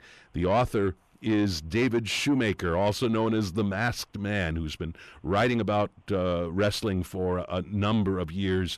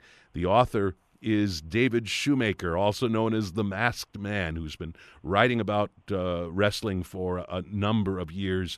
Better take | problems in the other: second | distortion; slight; 10 dB below the speech

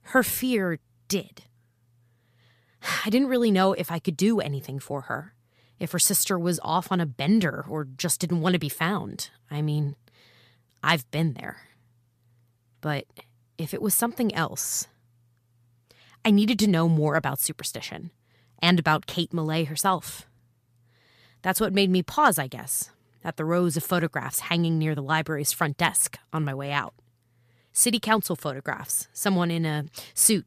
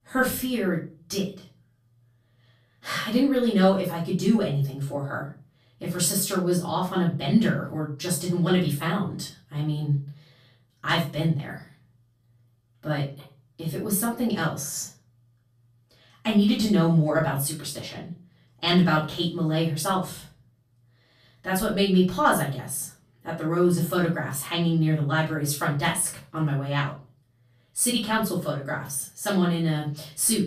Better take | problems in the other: first | room echo; slight; dies away in 0.3 s // off-mic speech; far

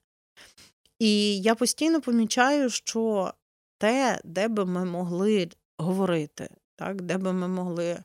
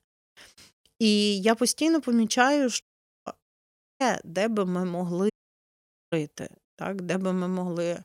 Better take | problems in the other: first | audio cutting out; at 3 s, at 4 s and at 5.5 s for 1 s

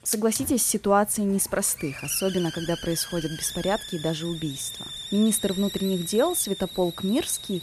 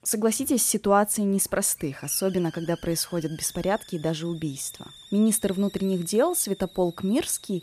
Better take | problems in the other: second | hiss; loud; throughout; 10 dB below the speech; faint in the second

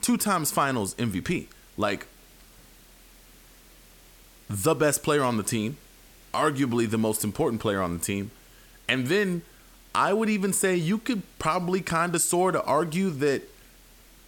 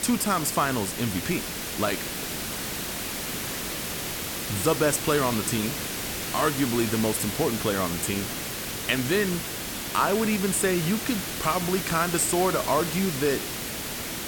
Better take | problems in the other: first | hiss; loud; throughout; 4 dB below the speech; faint in the first

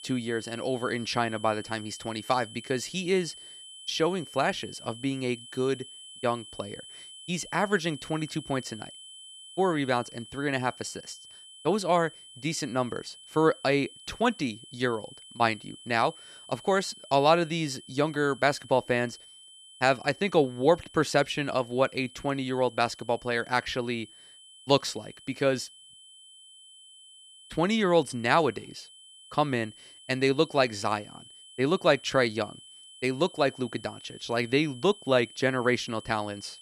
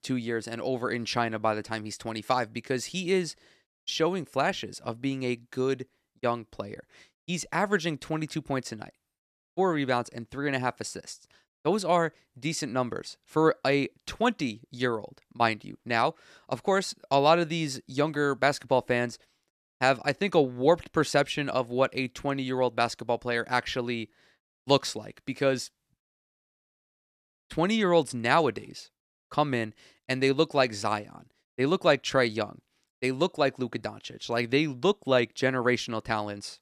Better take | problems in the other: second | high-pitched whine; noticeable; throughout; 3 kHz, 20 dB below the speech

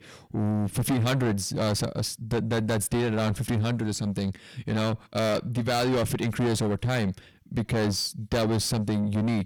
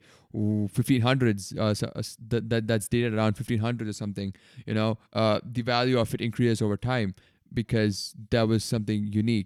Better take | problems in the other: second | distortion; heavy; 6 dB below the speech

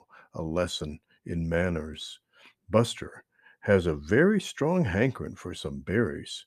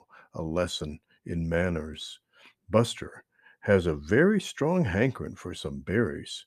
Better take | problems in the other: neither | none

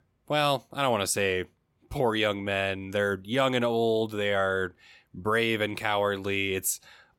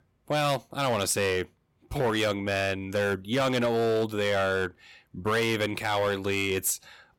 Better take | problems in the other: first | distortion; slight; 10% of the sound clipped

